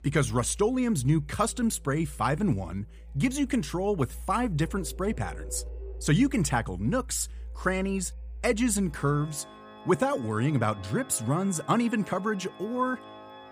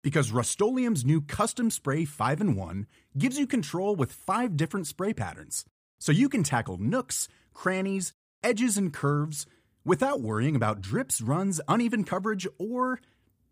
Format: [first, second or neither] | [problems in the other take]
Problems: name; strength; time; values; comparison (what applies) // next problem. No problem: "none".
second | background music; noticeable; throughout; 15 dB below the speech